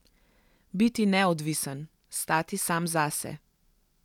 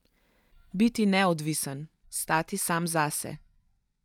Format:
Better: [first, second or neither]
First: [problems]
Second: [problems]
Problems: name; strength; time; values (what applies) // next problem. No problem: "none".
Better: first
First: none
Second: noise reduction (neural mask model DeepFilterNet 3)